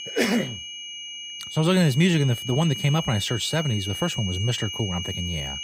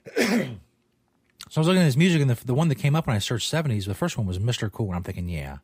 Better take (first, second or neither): second